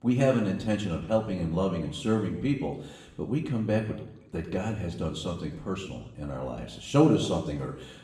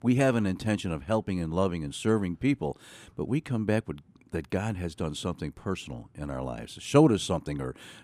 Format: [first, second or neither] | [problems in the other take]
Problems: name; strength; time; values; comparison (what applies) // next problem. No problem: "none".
second | room echo; slight; dies away in 0.8 s // off-mic speech; far